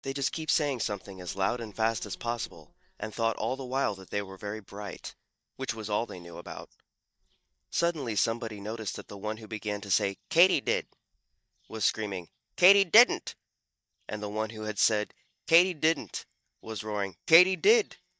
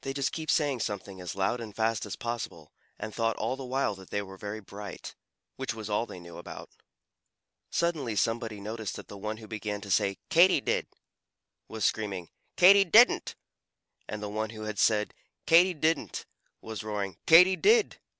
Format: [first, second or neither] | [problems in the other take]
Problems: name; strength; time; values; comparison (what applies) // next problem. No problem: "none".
second | noise reduction (neural mask model DeepFilterNet 3)